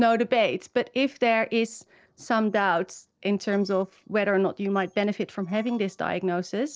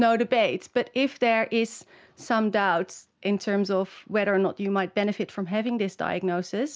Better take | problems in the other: second | noise reduction (neural separator model SepFormer DNS4)

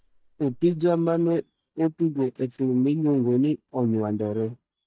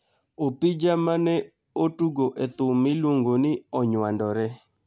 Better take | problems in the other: second | noise reduction (neural mask model DeepFilterNet 3)

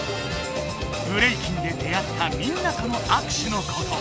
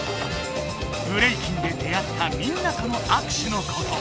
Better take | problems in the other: first | background sound (Drawer open or close); 18 dB below the speech

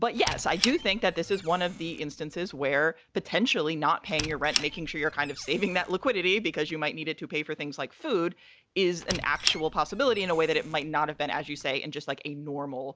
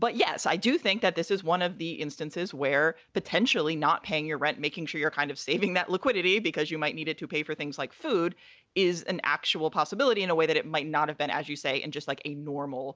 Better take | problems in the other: second | background sound (Squeak); 9 dB below the speech

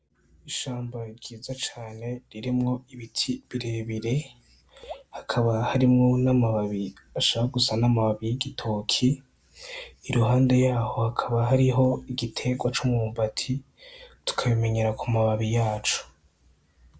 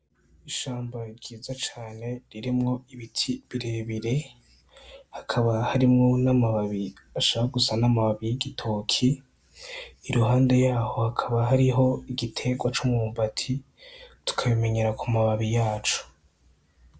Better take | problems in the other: second | background sound (Raindrop / Drip); 18 dB below the speech

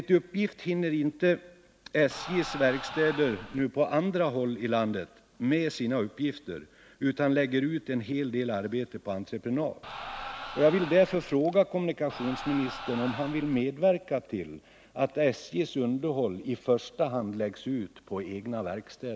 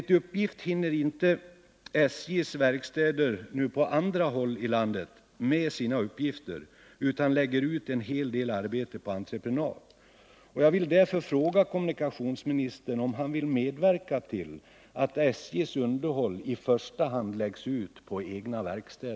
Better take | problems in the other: second | background sound (Crowd); 11 dB below the speech

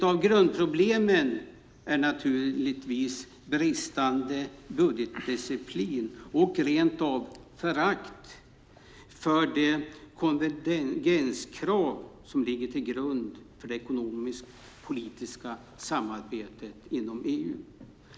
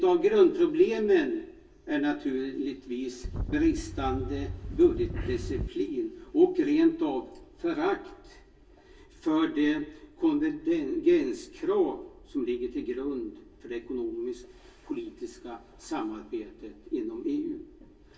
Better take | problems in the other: first | background sound (Wind); 6 dB below the speech // room echo; dies away in 0.1 s

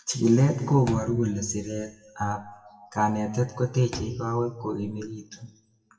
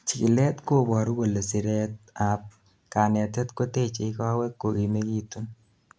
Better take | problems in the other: second | noise reduction (classical method WPE with log-MMSE)

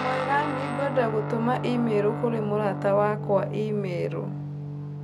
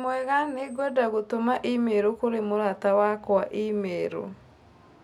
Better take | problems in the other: second | background sound (Guitar); 5 dB below the speech

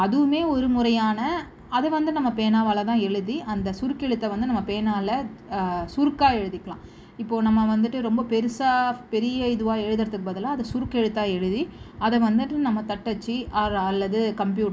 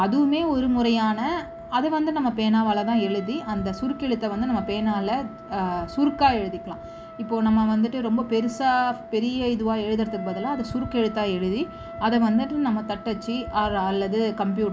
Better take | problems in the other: first | background sound (Wind instrument, woodwind instrument); 16 dB below the speech

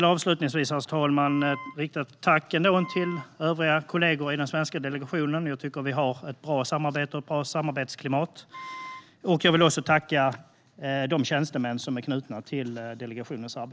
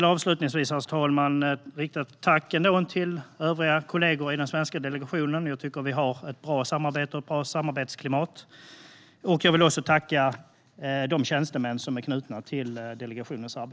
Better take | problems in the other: second | background sound (Wind instrument, woodwind instrument); 14 dB below the speech

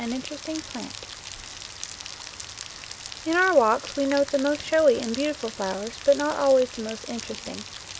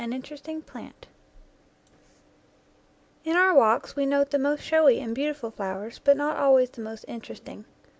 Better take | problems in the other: second | background sound (Rain); 13 dB below the speech

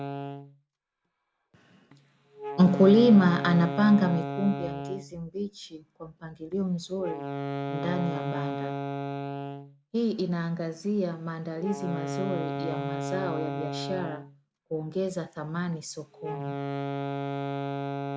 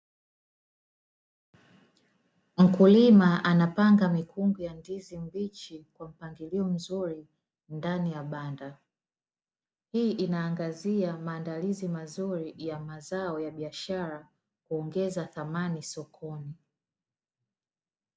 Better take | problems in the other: second | background sound (Wind instrument, woodwind instrument); 7 dB below the speech

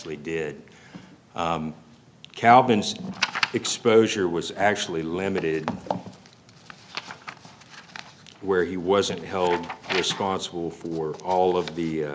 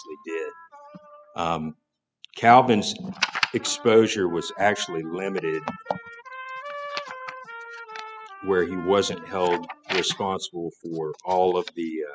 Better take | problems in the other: first | noise reduction (classical method spectral subtraction)

